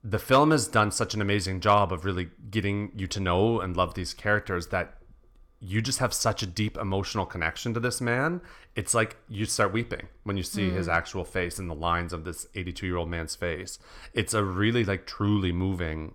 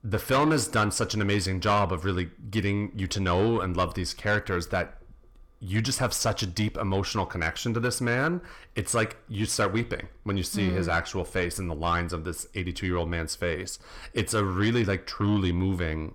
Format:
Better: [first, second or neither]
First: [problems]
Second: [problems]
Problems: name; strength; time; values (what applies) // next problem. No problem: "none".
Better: first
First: none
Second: distortion; slight; 10 dB below the speech